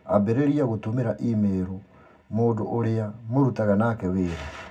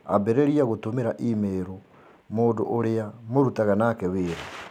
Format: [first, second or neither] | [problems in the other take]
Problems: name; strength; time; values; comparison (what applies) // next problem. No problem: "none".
second | room echo; dies away in 0.4 s